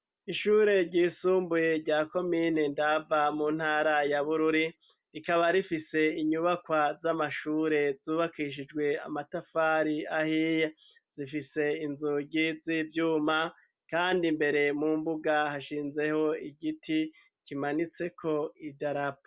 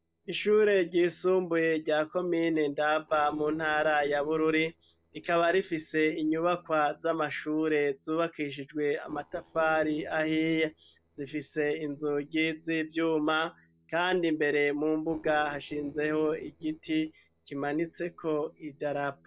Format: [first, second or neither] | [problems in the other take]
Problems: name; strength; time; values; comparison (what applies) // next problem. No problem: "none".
first | noise reduction (neural separator model SepFormer DNS4)